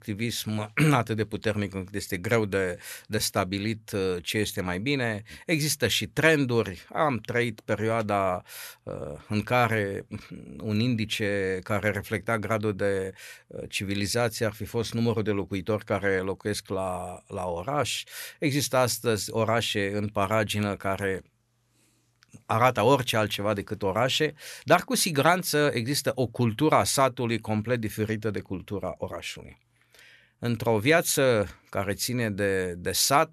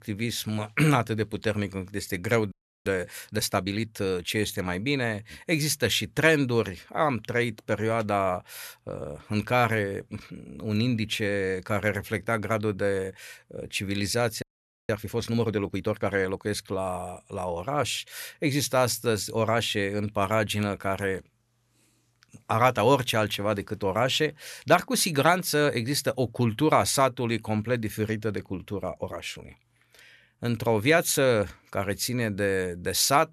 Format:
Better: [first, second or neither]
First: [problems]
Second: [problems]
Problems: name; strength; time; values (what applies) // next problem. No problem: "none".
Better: first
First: none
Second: audio freezing; at 2.5 s and at 14 s